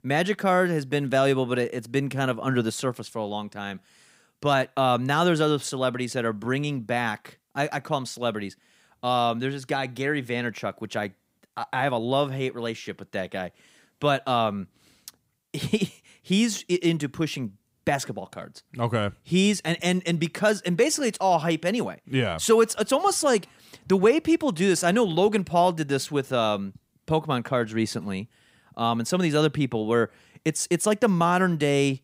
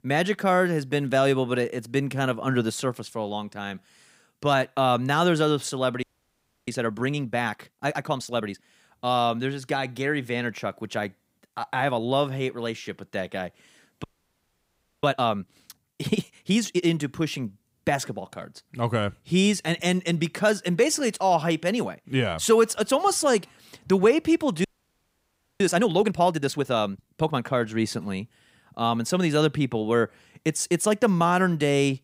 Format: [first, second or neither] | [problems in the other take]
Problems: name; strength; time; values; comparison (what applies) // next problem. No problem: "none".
first | audio freezing; at 6 s for 0.5 s, at 14 s for 1 s and at 25 s for 1 s